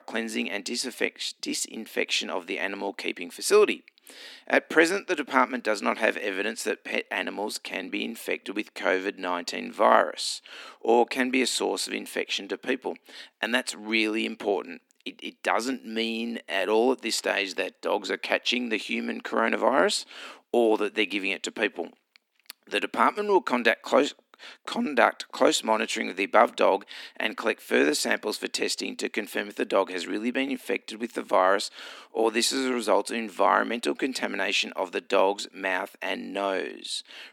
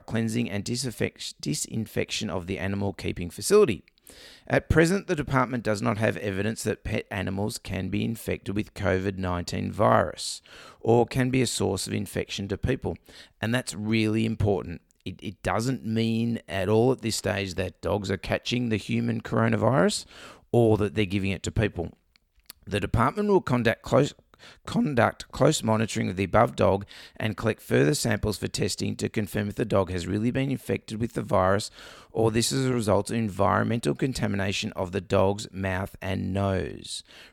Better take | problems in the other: second | thin; somewhat; fading below 250 Hz

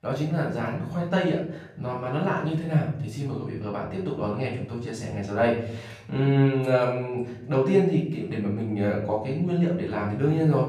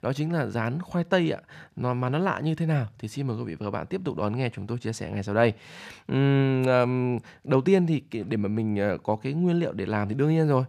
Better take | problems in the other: second | off-mic speech; far // room echo; noticeable; dies away in 0.6 s

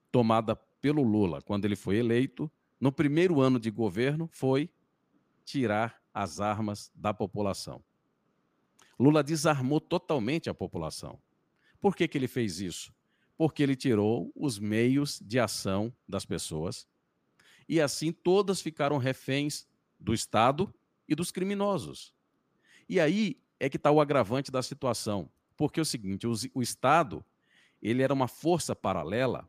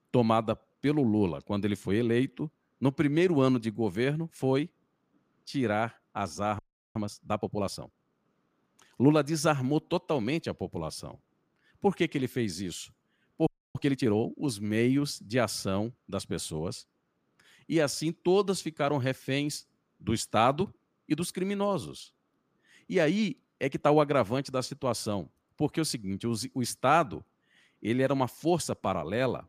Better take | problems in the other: first | audio freezing; at 6.5 s and at 13 s

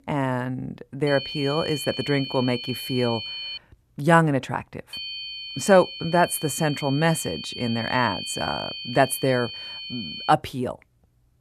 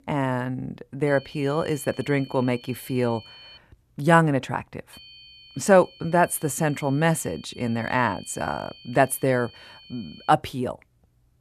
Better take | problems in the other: second | high-pitched whine; loud; from 1 to 3.5 s and from 5 to 10 s; 3 kHz, 8 dB below the speech; faint in the second

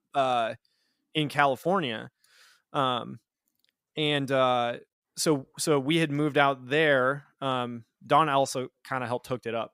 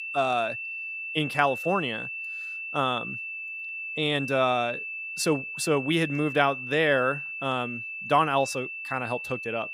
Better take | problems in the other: first | high-pitched whine; loud; throughout; 2.5 kHz, 6 dB below the speech

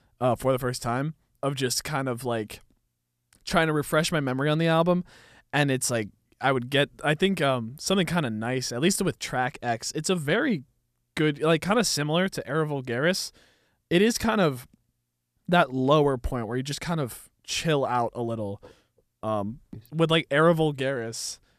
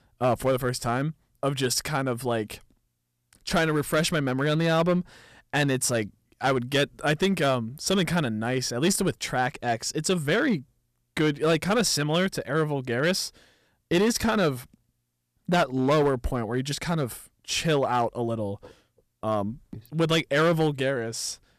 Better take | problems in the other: first | distortion; slight; 5% of the sound clipped

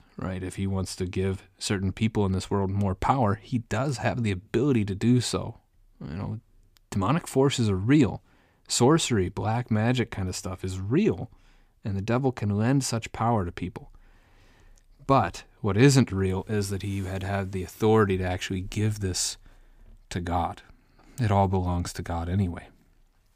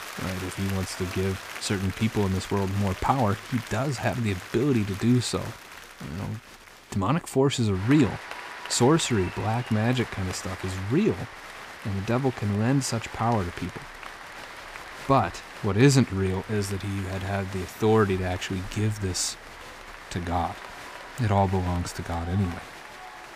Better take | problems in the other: first | crowd noise; noticeable; throughout; 15 dB below the speech

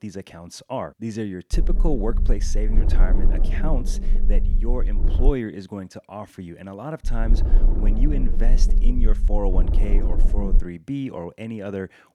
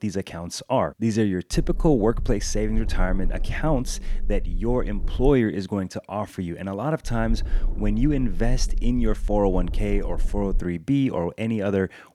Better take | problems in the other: second | low rumble; loud; from 1.5 to 5.5 s and from 7 to 11 s; 7 dB below the speech; faint in the second

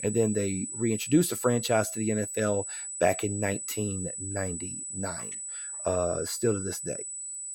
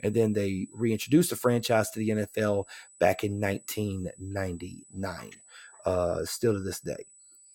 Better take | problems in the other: second | high-pitched whine; loud; throughout; 8 kHz, 5 dB below the speech; faint in the second

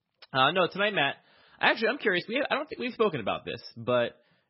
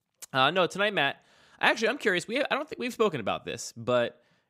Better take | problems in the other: second | garbled, watery; badly; nothing above 5.5 kHz

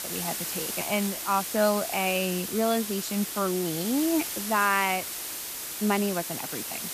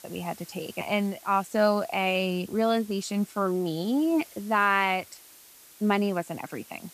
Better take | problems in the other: second | hiss; loud; throughout; 4 dB below the speech; faint in the second

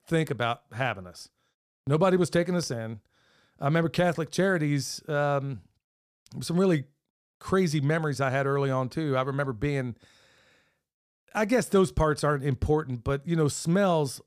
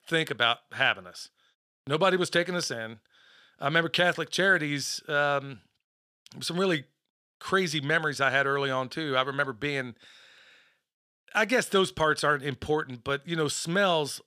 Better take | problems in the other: first | thin; somewhat; fading below 350 Hz

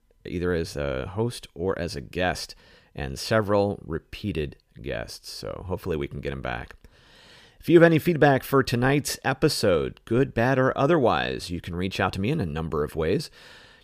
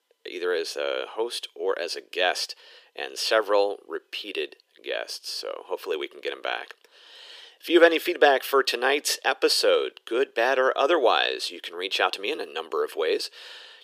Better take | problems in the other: first | thin; very; fading below 350 Hz

